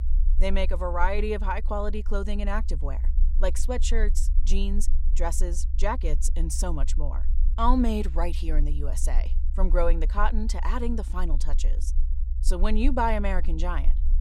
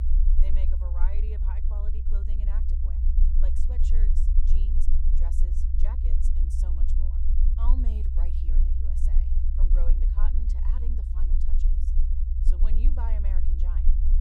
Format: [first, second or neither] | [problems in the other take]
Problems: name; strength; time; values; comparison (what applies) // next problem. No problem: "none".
first | low rumble; loud; throughout; as loud as the speech; faint in the first